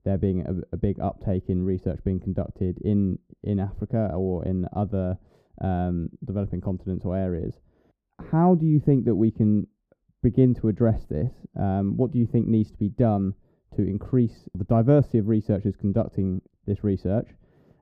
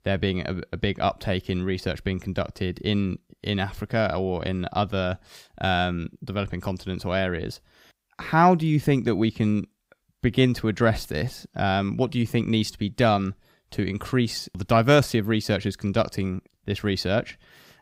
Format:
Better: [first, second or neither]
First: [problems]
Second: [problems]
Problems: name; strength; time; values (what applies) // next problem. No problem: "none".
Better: second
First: muffled; very; fading above 1 kHz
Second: none